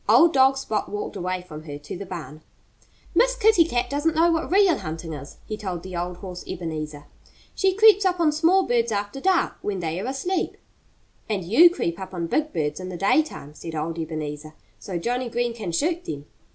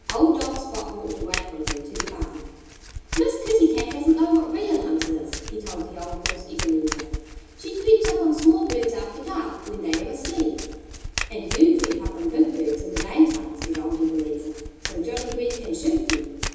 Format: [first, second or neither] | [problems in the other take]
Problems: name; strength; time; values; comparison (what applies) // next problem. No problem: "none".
first | background sound (Domestic sounds, home sounds); 10 dB below the speech // room echo; dies away in 1.1 s